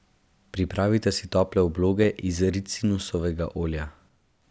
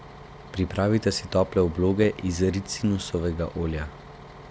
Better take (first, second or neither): first